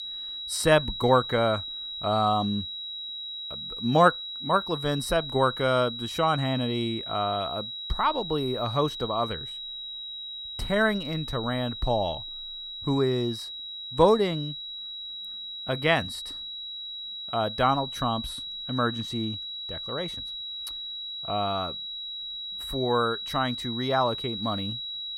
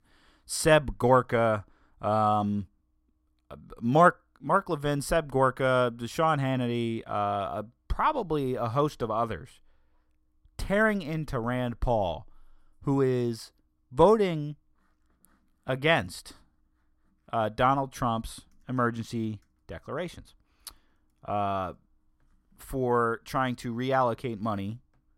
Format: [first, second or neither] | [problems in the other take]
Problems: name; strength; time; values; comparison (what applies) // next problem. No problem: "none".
second | high-pitched whine; loud; throughout; 4 kHz, 7 dB below the speech